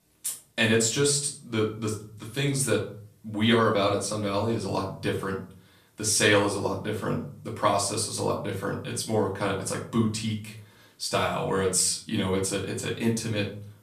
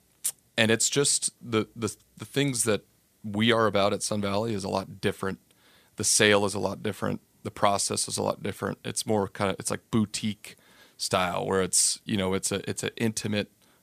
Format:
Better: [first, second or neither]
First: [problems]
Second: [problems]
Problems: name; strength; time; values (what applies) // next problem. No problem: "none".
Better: second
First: off-mic speech; far // room echo; slight; dies away in 0.4 s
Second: none